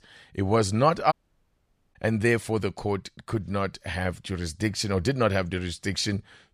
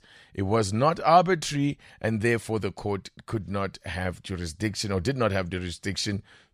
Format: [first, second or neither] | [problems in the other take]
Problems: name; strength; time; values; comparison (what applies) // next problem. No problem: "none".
second | audio cutting out; at 1 s for 1 s